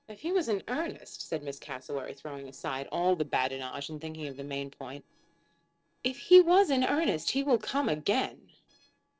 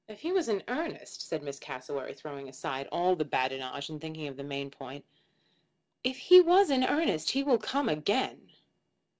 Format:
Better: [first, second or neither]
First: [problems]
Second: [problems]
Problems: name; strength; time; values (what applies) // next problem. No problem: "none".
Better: second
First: noise reduction (neural separator model SepFormer DNS4)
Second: none